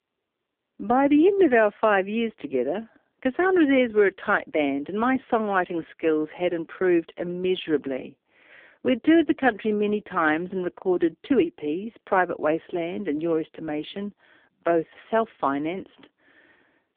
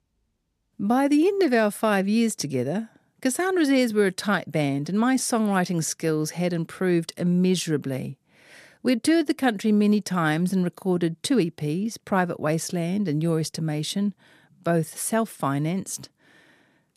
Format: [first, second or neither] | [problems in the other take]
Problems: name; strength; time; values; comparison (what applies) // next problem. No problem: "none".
second | phone-call audio; poor line